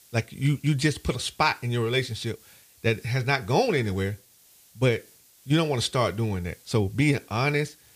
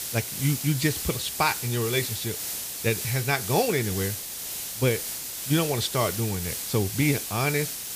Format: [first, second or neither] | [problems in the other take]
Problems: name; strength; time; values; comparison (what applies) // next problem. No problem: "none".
first | hiss; loud; throughout; 4 dB below the speech; faint in the first